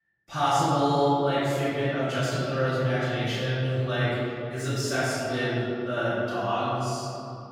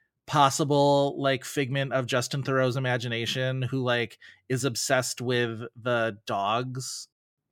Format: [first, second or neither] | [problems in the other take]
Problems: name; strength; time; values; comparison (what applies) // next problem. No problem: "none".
second | off-mic speech; far // room echo; strong; dies away in 2.9 s